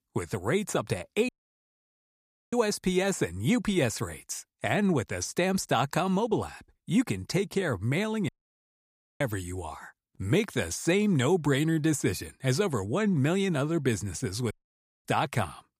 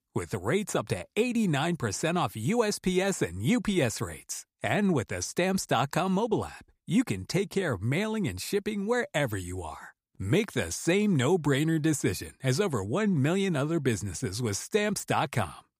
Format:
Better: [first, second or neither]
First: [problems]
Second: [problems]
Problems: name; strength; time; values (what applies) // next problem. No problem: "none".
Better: second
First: audio cutting out; at 1.5 s for 1 s, at 8.5 s for 1 s and at 15 s for 0.5 s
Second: none